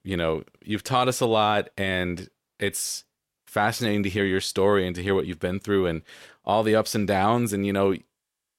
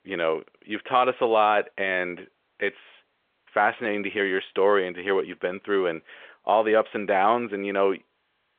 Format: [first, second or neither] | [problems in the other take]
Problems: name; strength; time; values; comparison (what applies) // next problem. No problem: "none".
first | phone-call audio; nothing above 3.5 kHz